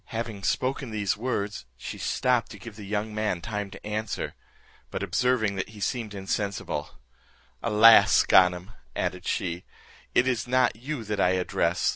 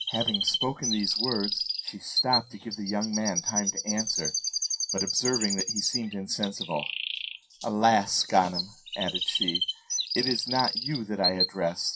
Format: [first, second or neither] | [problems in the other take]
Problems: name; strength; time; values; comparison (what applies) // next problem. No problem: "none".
first | noise reduction (classical method WPE with log-MMSE)